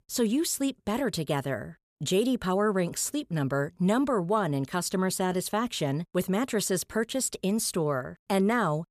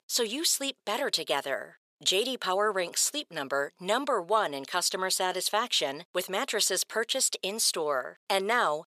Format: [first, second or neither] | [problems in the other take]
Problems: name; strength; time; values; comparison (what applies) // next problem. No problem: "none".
first | thin; very; fading below 550 Hz